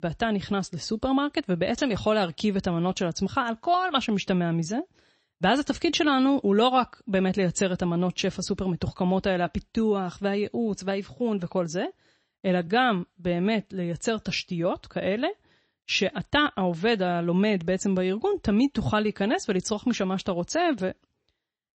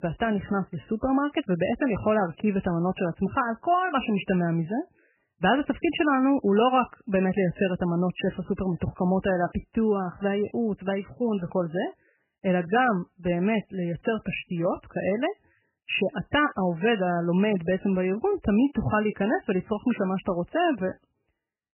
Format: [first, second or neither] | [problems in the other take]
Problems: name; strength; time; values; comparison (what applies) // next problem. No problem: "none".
first | garbled, watery; badly; nothing above 3 kHz; slightly in the first